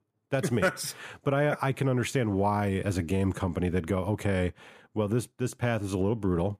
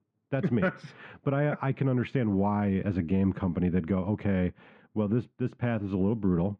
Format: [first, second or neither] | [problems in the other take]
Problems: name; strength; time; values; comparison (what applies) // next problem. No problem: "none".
first | muffled; very; fading above 3 kHz